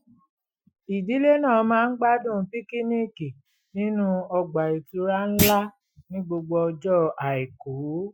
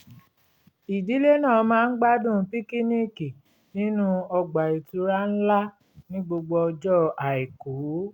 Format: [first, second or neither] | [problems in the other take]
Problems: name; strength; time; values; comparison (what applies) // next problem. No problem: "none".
second | noise reduction (classical method Wiener filter)